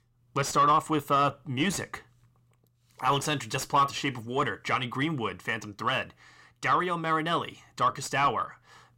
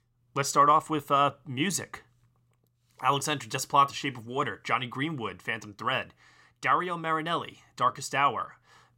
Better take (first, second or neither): second